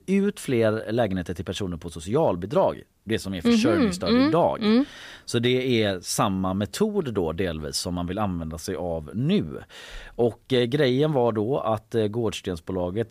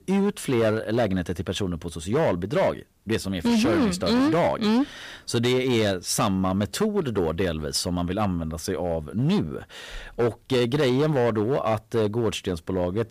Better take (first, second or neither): first